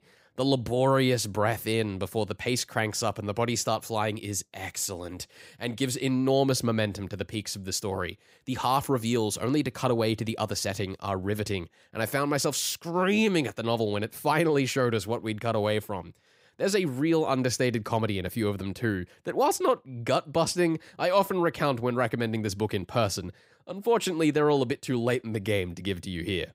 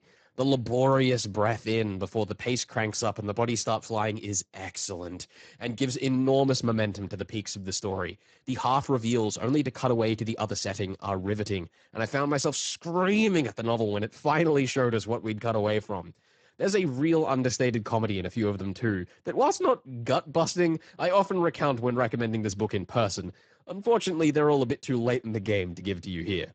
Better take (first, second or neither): first